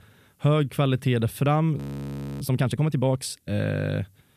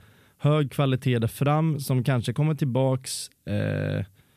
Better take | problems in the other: second | audio freezing; at 2 s for 0.5 s

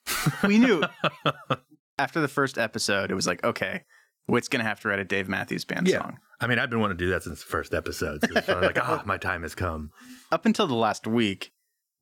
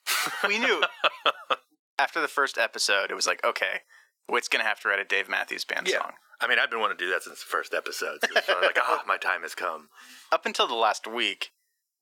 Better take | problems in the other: first | thin; very; fading below 450 Hz

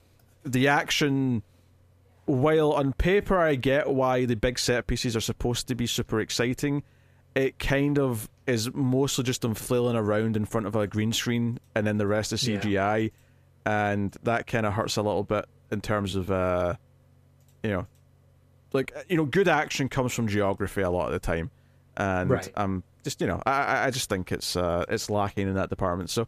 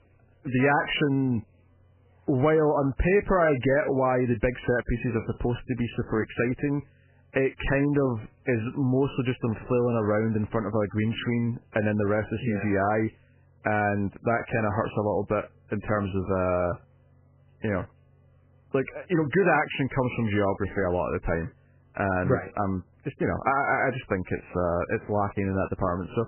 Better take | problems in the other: first | garbled, watery; badly; nothing above 3 kHz

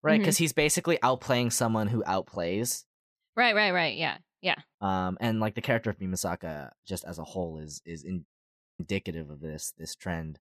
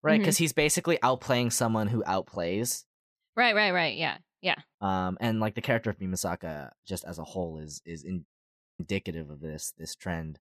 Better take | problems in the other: neither | audio cutting out; at 8.5 s for 0.5 s; the same in both

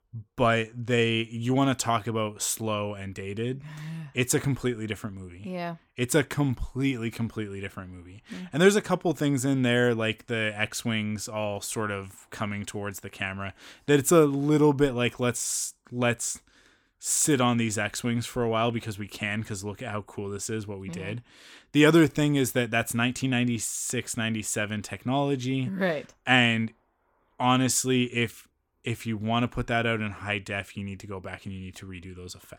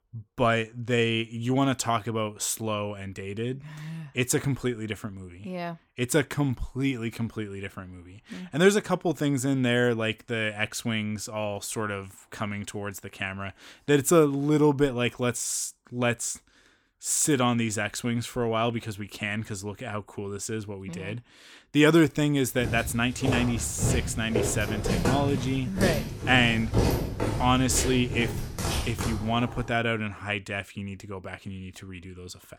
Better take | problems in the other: first | footsteps; loud; from 23 to 30 s; peak 2 dB above the speech

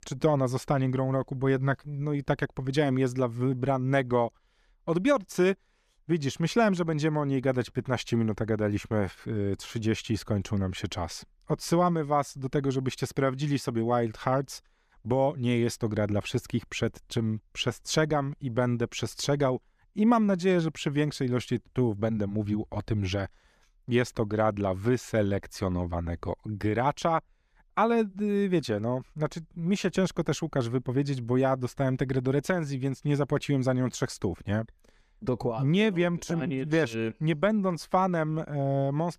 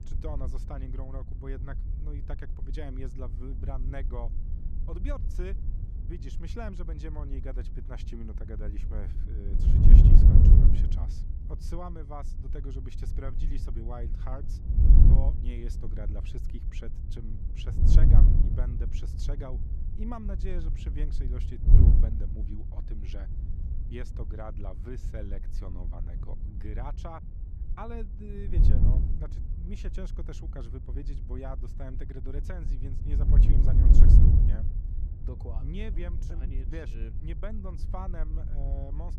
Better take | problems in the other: first | wind noise on the microphone; heavy; 2 dB above the speech

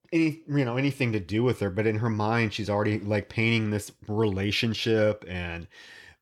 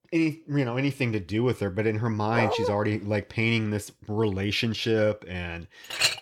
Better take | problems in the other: first | dog barking; noticeable; at 2.5 s; peak level with the speech // clattering dishes; very faint; at 6 s; peak 3 dB above the speech

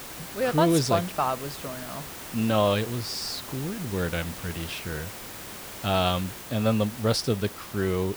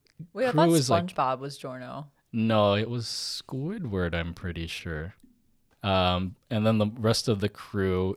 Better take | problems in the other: second | hiss; noticeable; throughout; 10 dB below the speech

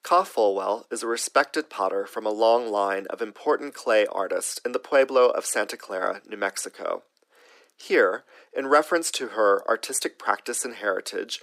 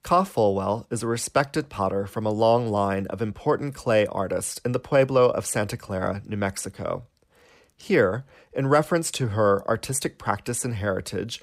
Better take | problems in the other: second | thin; somewhat; fading below 300 Hz

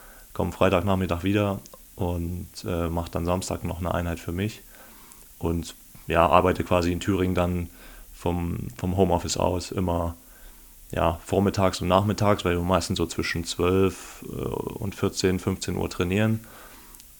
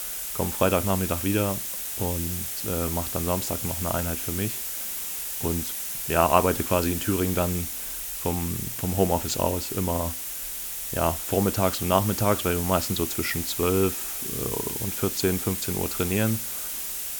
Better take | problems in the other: first | hiss; loud; throughout; 2 dB below the speech; faint in the first

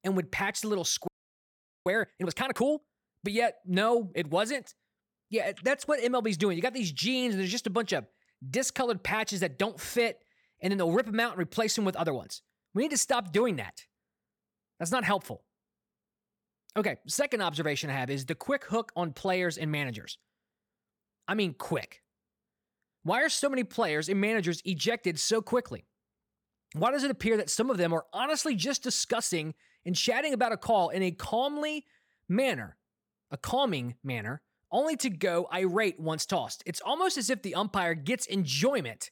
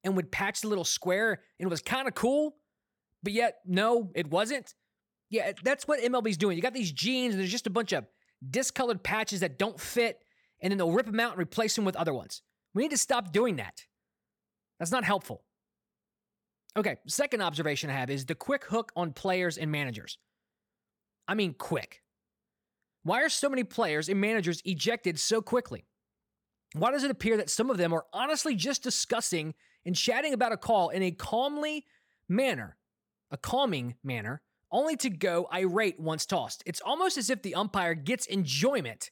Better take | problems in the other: second | audio freezing; at 1 s for 1 s

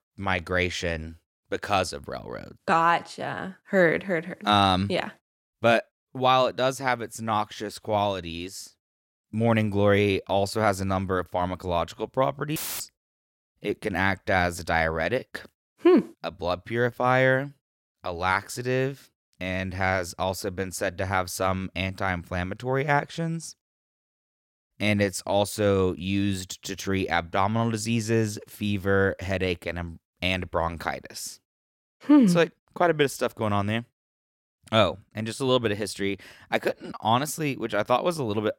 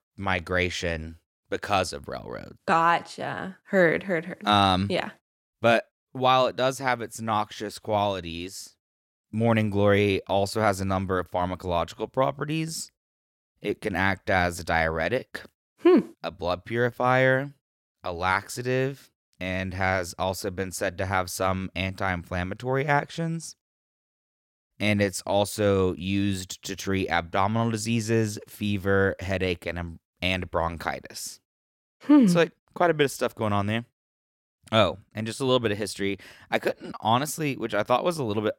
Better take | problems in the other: second | audio cutting out; filled with static; at 13 s

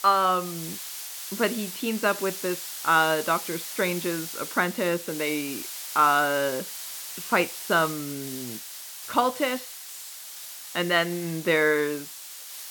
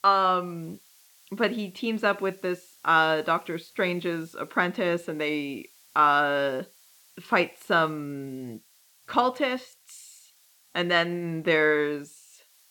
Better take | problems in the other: second | hiss; loud; throughout; 9 dB below the speech; faint in the second

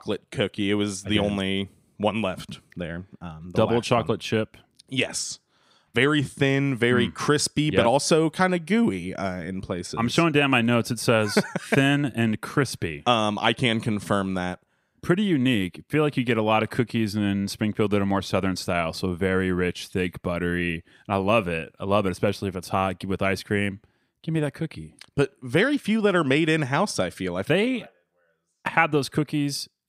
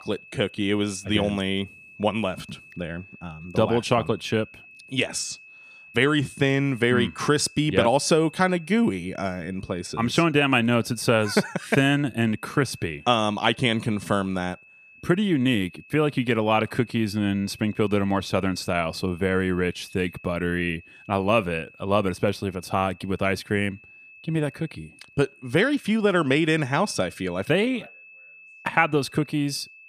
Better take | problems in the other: first | high-pitched whine; faint; throughout; 2.5 kHz, 25 dB below the speech

